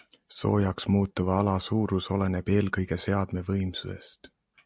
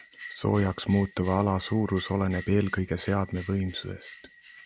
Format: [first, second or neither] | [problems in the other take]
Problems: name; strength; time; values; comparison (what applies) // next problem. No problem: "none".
first | background sound (Bell); 19 dB below the speech